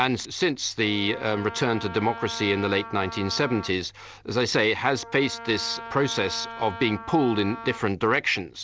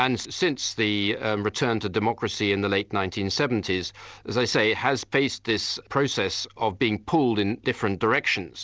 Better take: second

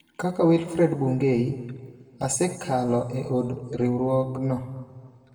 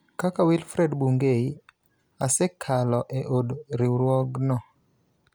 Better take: second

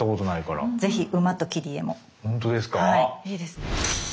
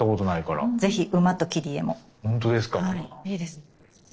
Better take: first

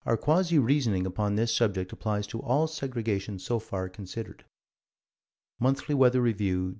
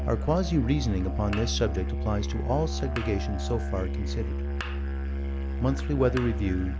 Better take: first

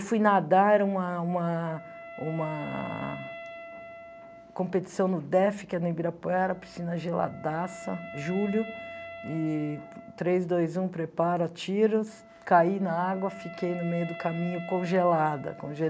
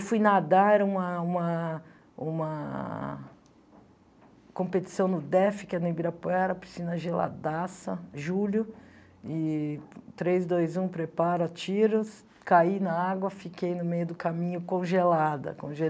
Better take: second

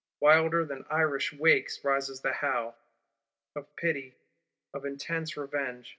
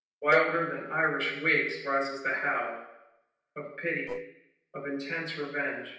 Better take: first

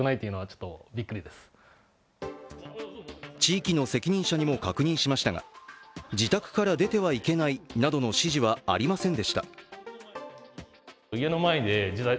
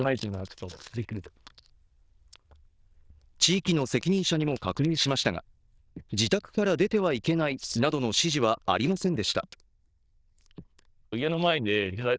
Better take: first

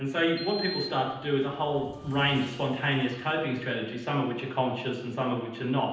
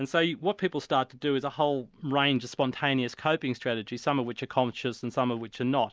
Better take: second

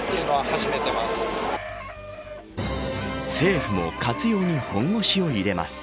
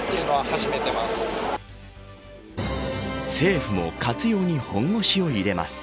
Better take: second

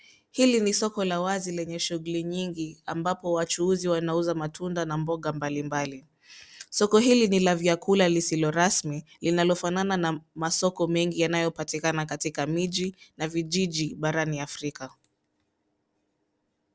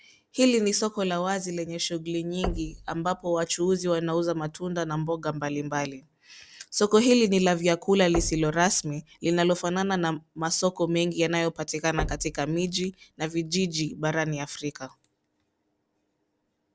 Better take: first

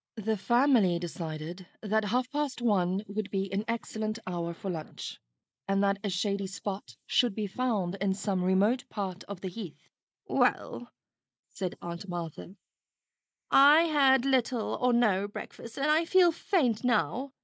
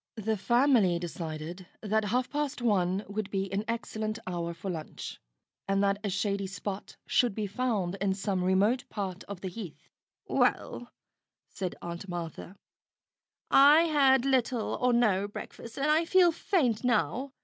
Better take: second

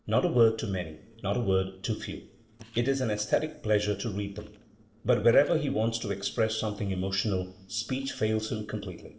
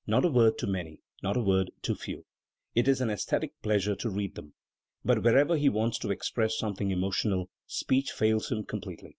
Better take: second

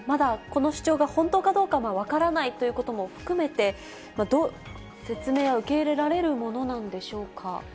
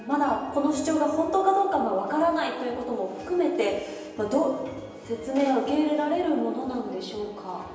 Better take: first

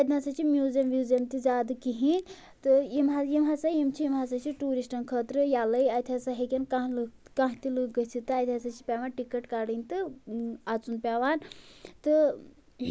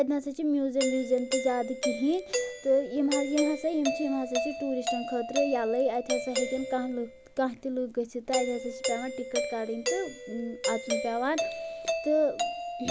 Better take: first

